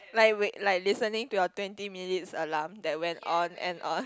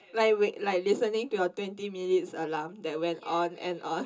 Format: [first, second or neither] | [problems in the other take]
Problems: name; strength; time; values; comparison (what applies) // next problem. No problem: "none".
first | room echo; dies away in 0.2 s